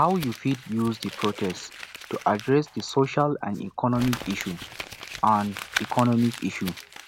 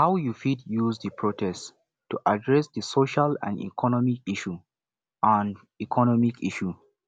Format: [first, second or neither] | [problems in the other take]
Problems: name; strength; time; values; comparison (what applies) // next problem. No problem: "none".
second | background sound (Crumpling, crinkling); 13 dB below the speech